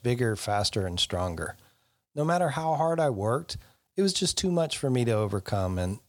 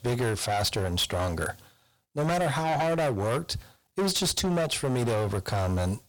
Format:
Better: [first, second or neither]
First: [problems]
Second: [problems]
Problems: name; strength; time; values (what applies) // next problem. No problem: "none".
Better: first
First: none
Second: distortion; heavy; 22% of the sound clipped